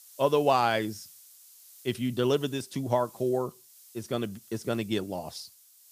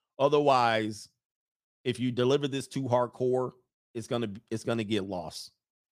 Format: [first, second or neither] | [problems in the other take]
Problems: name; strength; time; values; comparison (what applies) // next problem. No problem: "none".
second | hiss; faint; throughout; 20 dB below the speech